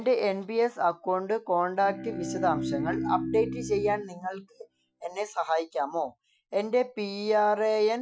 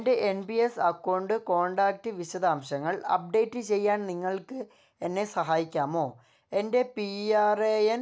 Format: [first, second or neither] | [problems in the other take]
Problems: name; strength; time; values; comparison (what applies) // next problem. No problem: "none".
second | noise reduction (classical method Wiener filter)